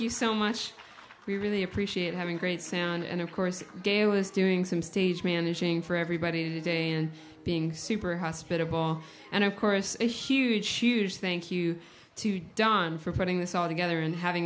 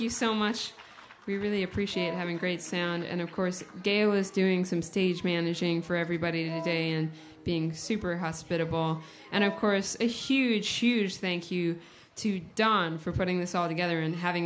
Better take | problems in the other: first | background sound (Wind instrument, woodwind instrument); 12 dB below the speech

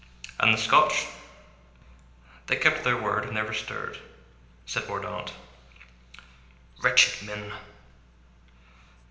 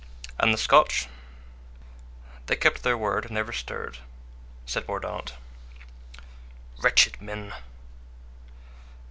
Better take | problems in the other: second | background sound (Dog); 14 dB below the speech // room echo; dies away in 0.9 s

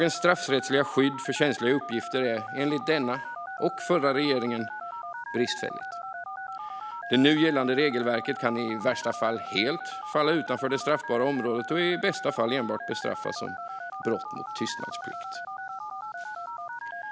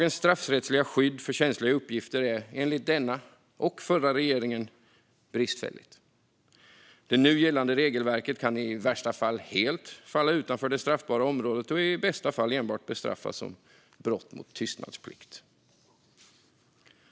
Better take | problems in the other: second | background sound (Telephone); 9 dB below the speech

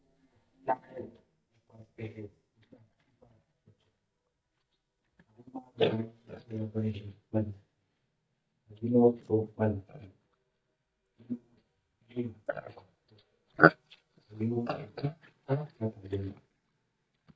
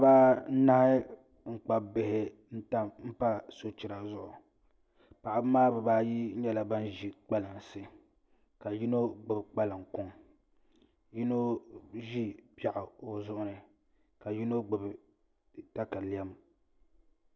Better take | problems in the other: second | noise reduction (neural mask model DeepFilterNet 3)

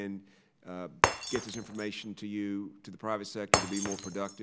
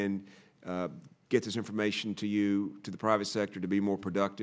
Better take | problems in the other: second | background sound (Shatter); 3 dB above the speech

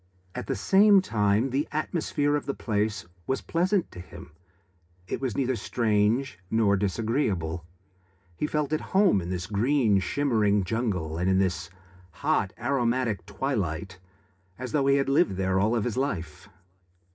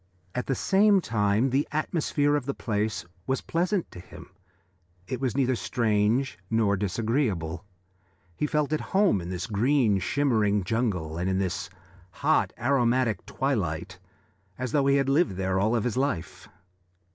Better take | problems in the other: second | room echo; dies away in 0.3 s

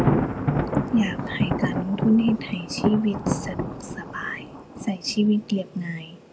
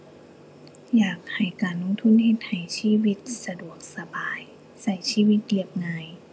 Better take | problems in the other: second | background sound (Thunder); 2 dB below the speech

